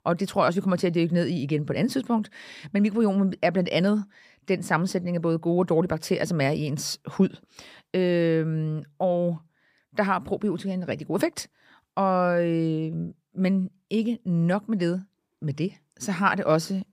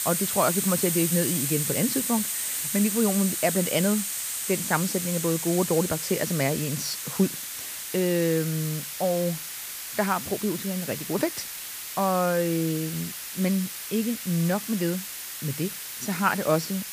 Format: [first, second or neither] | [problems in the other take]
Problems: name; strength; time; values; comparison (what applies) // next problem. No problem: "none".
first | hiss; loud; throughout; 3 dB below the speech